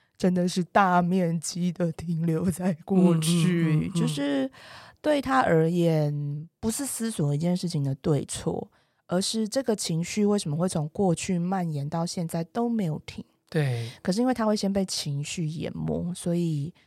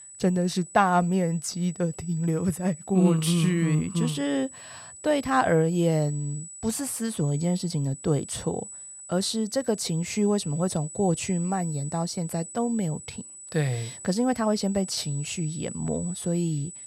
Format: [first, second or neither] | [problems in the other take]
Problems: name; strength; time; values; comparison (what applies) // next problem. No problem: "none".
first | high-pitched whine; noticeable; throughout; 8 kHz, 15 dB below the speech